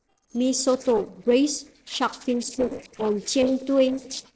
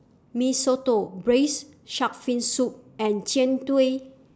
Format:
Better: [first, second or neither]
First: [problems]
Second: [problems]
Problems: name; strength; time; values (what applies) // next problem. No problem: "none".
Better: second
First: noise reduction (neural separator model SepFormer DNS4)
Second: none